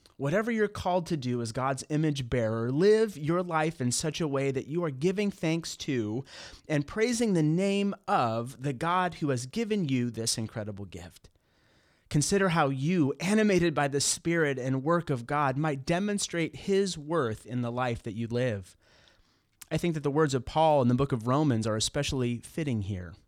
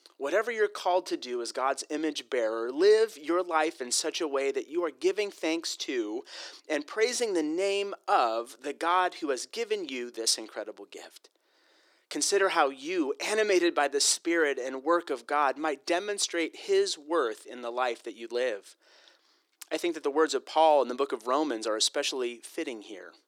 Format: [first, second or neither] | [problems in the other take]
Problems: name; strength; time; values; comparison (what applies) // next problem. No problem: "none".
first | thin; very; fading below 350 Hz